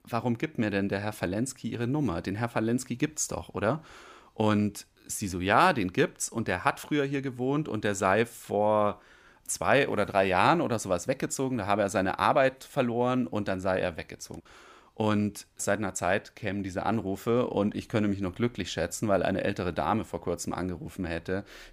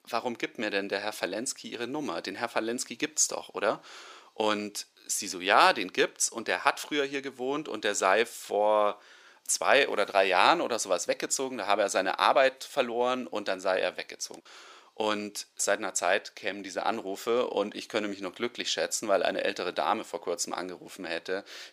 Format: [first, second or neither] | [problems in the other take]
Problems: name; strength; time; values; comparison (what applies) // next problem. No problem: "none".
first | thin; somewhat; fading below 450 Hz